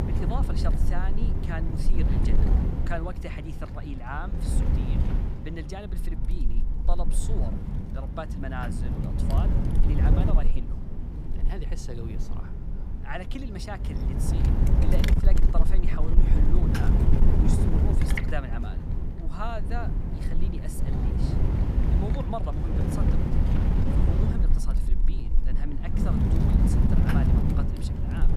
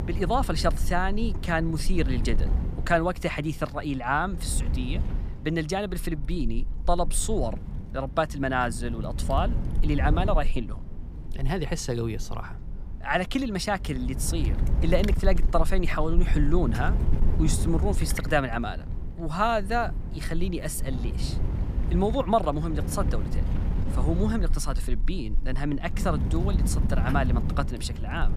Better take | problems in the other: second | wind noise on the microphone; heavy; 1 dB above the speech; occasional gusts in the second

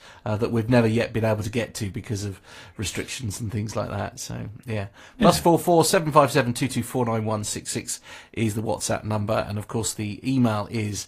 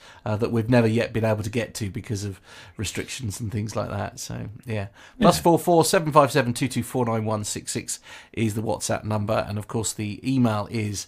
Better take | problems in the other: second | garbled, watery; slightly; nothing above 15 kHz

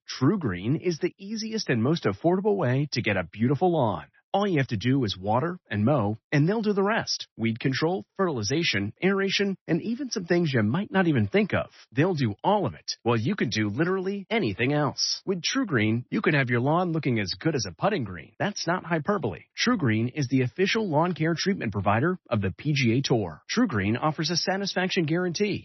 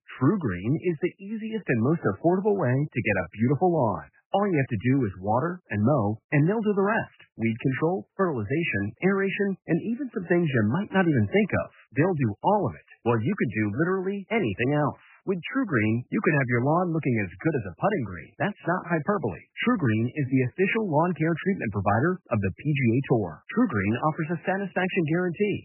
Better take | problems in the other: first | garbled, watery; badly; nothing above 3 kHz; slightly in the first

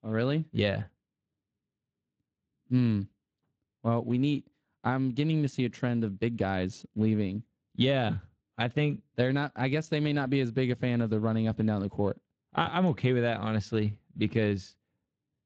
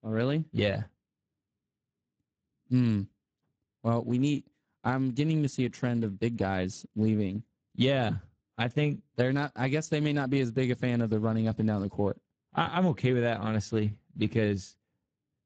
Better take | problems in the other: first | garbled, watery; badly; nothing above 7.5 kHz; slightly in the first

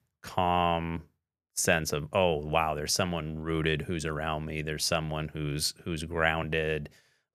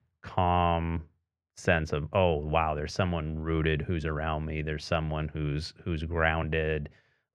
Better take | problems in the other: first | muffled; slightly; fading above 2.5 kHz

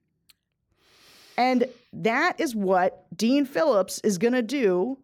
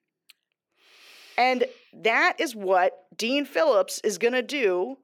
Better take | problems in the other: first | thin; somewhat; fading below 450 Hz

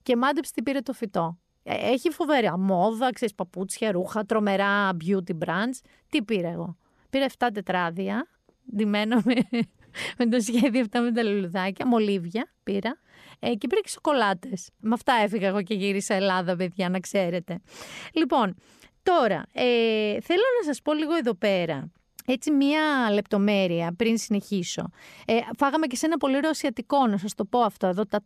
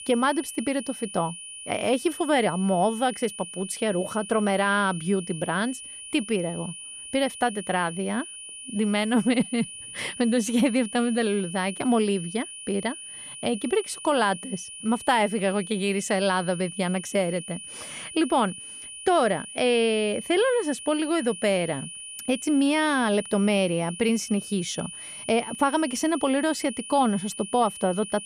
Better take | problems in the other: first | high-pitched whine; noticeable; throughout; 9.5 kHz, 10 dB below the speech

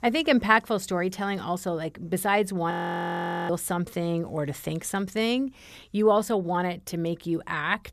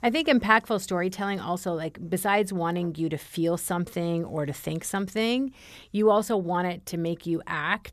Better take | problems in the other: second | audio freezing; at 2.5 s for 1 s

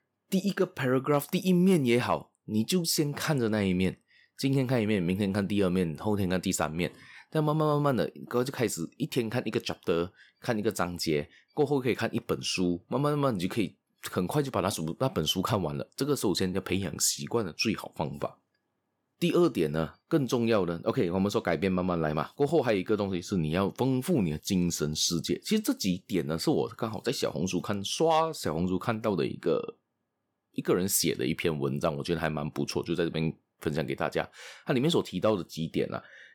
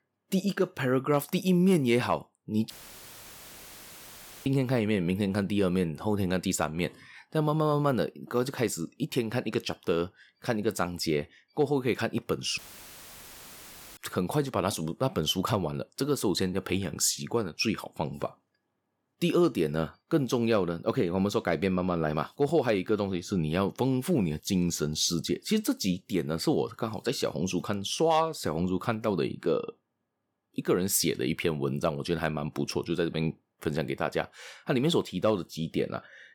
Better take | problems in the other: first | audio cutting out; filled with static; at 2.5 s for 2 s and at 13 s for 1.5 s

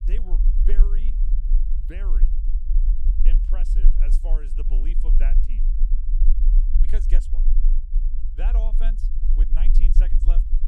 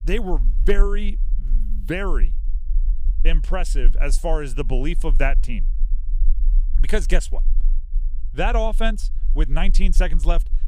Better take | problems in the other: second | low rumble; loud; throughout; 5 dB below the speech; faint in the second

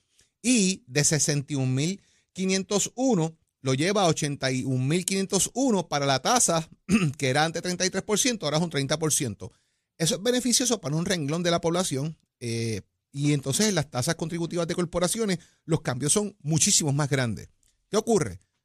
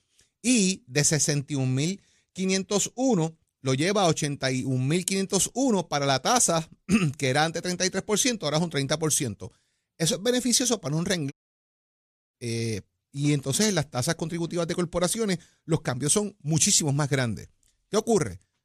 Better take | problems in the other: first | audio cutting out; at 11 s for 1 s

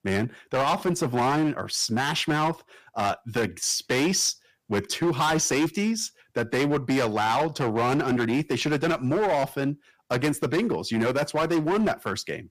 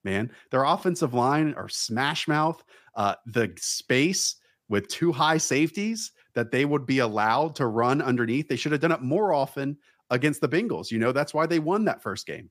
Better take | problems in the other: second | distortion; heavy; 14% of the sound clipped

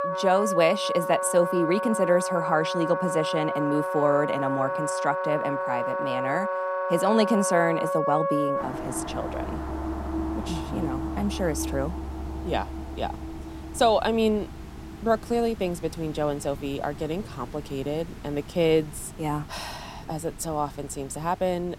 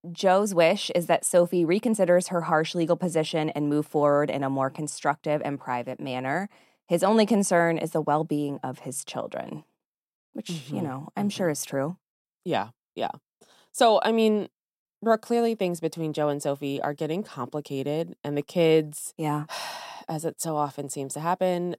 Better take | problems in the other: second | background music; loud; throughout; 3 dB below the speech

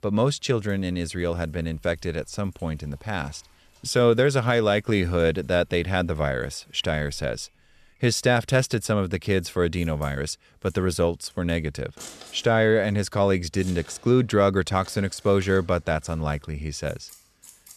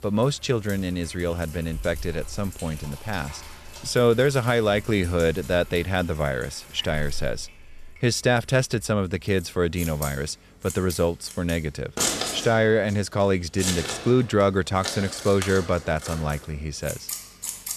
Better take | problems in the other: first | household noises; loud; throughout; 10 dB below the speech; faint in the first

